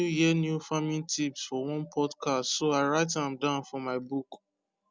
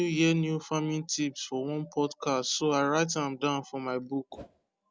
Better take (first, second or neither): first